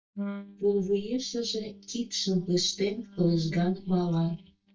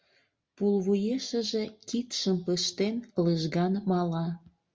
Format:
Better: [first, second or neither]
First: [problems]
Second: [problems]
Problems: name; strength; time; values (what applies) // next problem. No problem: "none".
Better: second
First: noise reduction (neural mask model DeepFilterNet 3)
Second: none